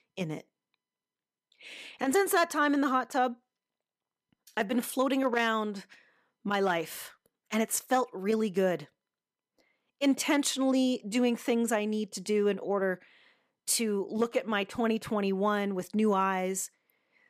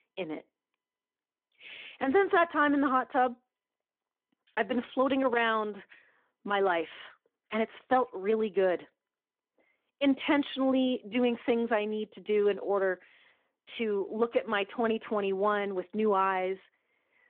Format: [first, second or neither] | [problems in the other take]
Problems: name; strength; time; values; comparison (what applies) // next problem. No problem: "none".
first | phone-call audio